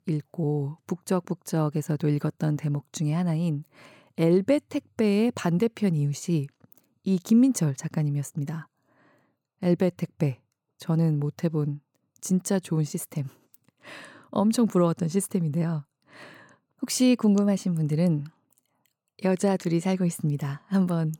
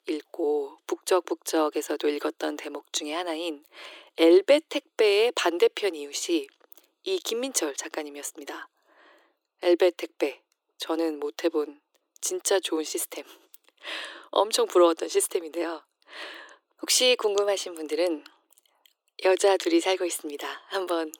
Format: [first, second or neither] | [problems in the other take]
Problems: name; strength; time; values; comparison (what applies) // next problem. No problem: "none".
first | thin; very; fading below 300 Hz